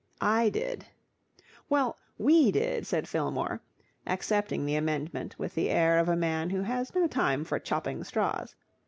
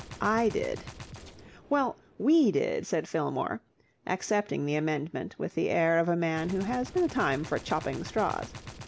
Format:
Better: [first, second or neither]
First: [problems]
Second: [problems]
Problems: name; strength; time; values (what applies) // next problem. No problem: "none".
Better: first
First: none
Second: background sound (Gunshot, gunfire); 18 dB below the speech